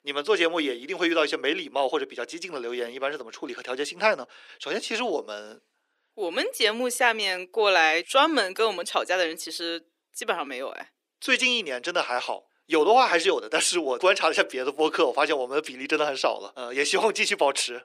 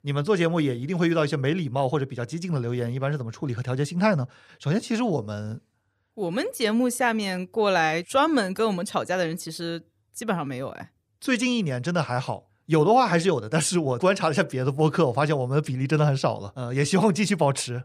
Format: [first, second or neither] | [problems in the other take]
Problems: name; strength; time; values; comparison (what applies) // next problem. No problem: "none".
second | thin; very; fading below 300 Hz